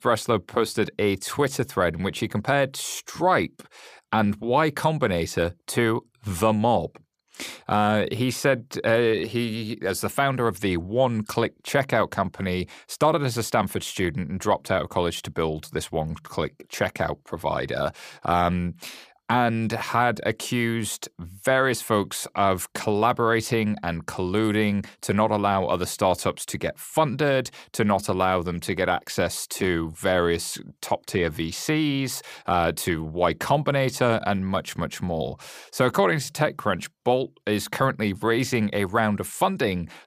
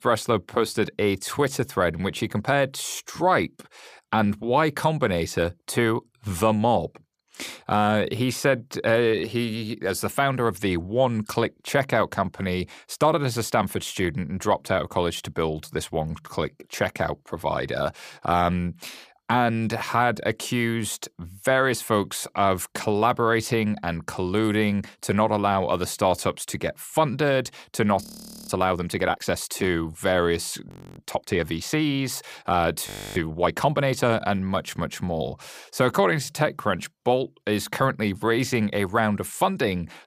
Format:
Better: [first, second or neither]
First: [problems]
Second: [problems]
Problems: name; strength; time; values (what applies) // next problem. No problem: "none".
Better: first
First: none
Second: audio freezing; at 28 s, at 31 s and at 33 s